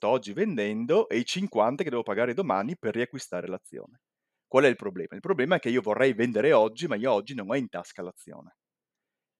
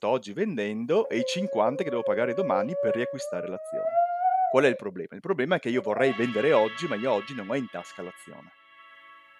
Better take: first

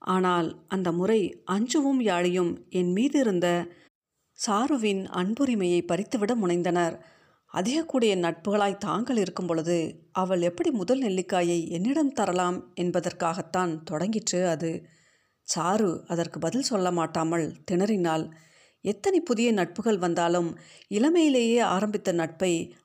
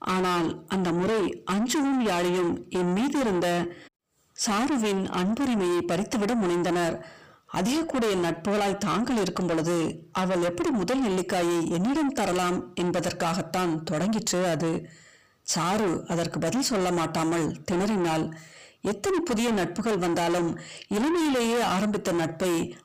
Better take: first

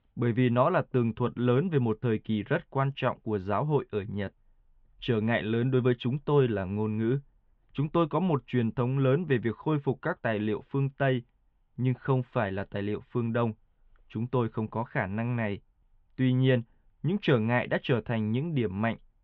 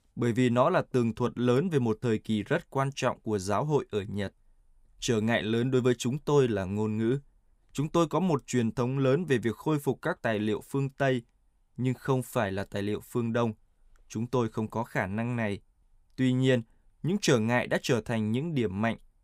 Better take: second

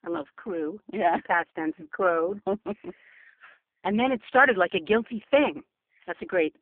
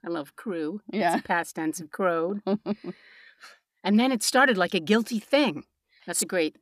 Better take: second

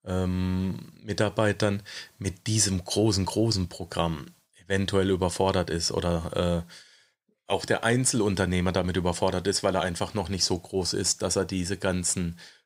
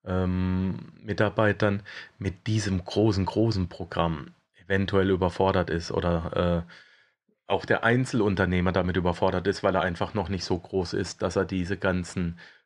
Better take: first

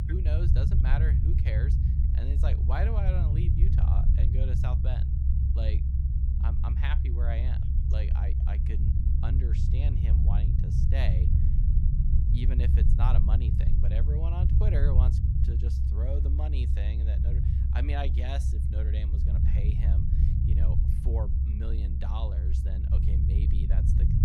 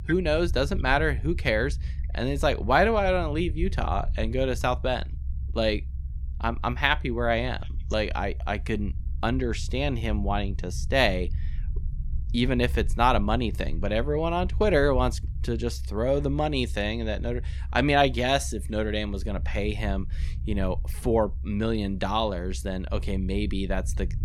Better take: second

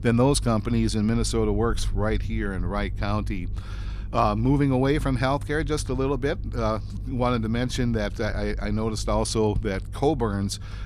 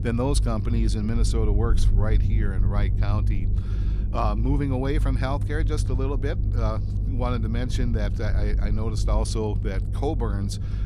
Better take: first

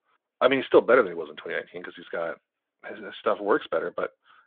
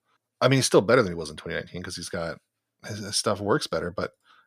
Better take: second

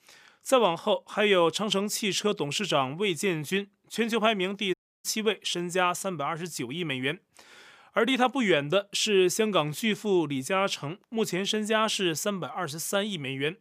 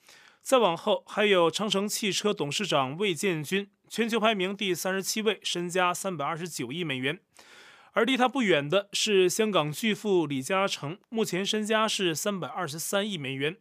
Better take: second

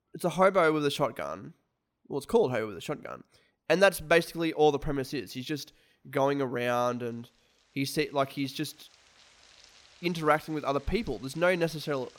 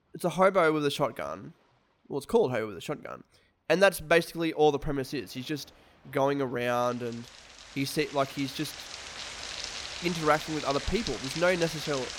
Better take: first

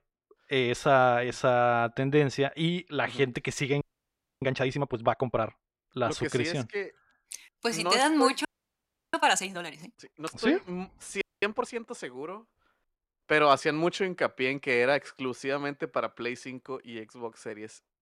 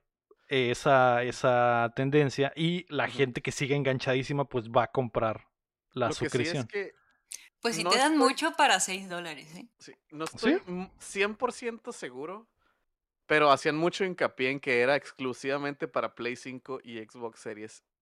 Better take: second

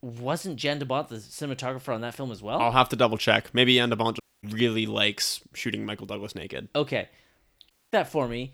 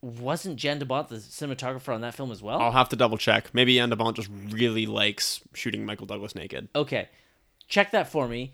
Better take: second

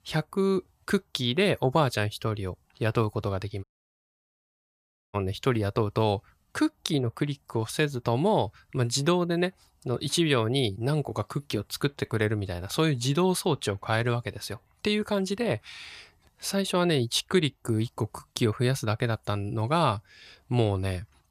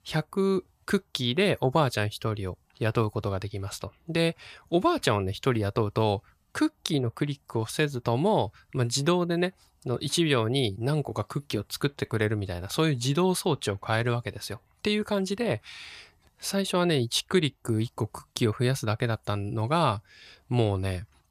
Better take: second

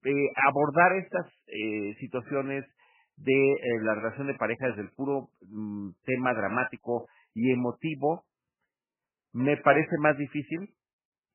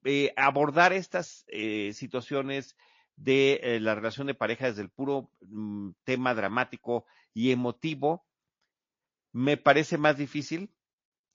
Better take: second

